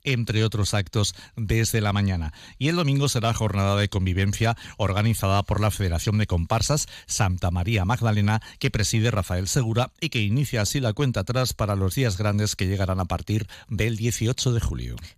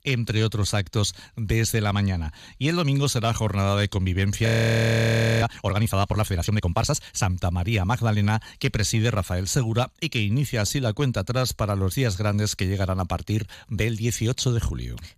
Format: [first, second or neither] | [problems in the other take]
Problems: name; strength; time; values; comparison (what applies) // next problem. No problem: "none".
first | audio freezing; at 4.5 s for 1 s